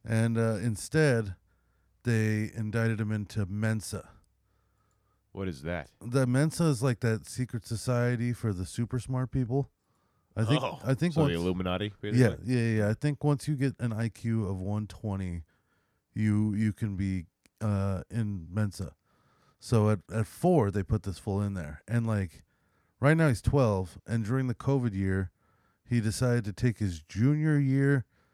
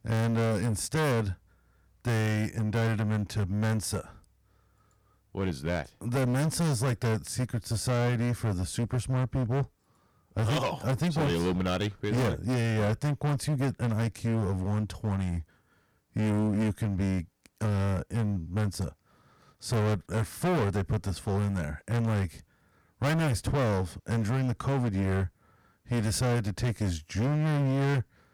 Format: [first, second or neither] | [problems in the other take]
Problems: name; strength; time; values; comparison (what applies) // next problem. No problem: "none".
first | distortion; heavy; 22% of the sound clipped